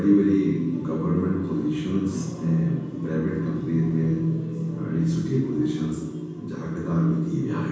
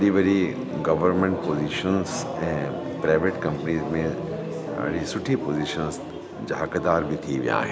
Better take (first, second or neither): second